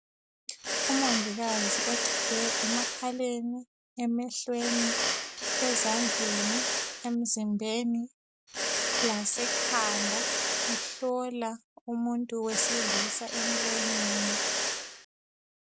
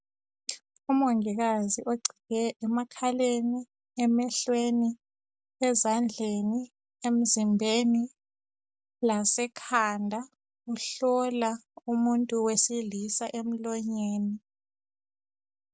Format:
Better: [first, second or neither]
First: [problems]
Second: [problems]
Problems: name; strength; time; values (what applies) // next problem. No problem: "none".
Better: second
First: background sound (Mechanisms); 1 dB above the speech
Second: none